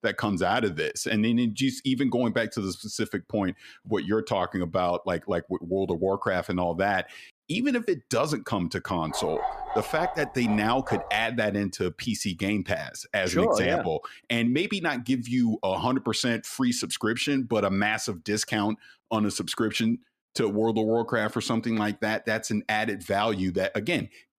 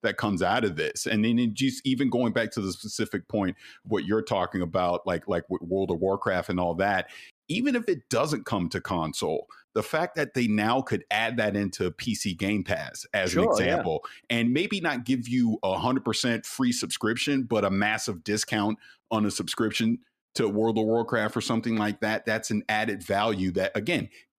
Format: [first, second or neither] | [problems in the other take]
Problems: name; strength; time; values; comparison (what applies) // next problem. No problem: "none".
second | dog barking; noticeable; from 9 to 11 s; peak 4 dB below the speech